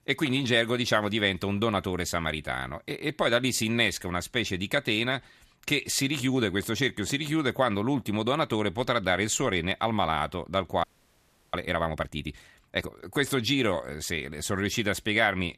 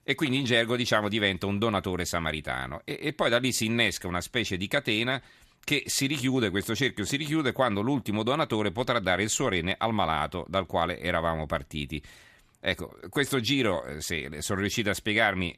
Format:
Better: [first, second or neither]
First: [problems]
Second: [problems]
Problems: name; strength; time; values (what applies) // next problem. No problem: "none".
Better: second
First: audio freezing; at 11 s for 0.5 s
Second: none